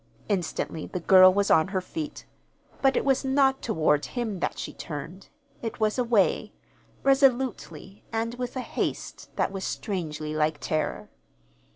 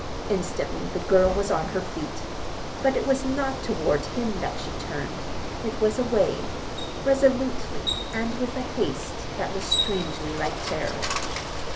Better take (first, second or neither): first